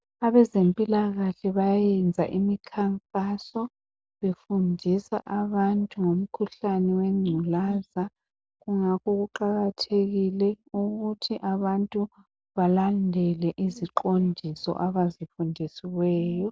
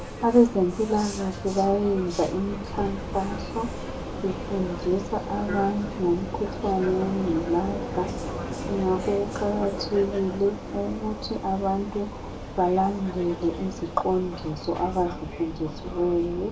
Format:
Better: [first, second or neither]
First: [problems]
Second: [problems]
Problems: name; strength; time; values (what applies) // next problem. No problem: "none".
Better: first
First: none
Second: background sound (Vehicle); 7 dB below the speech // room echo; dies away in 0.2 s